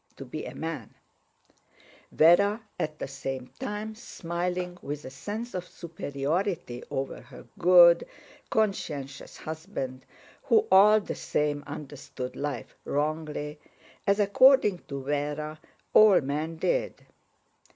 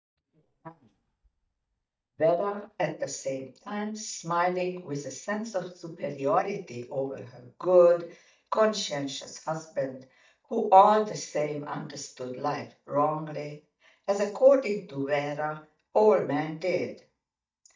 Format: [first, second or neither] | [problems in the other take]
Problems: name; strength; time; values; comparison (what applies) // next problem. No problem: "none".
first | noise reduction (neural mask model DeepFilterNet 3)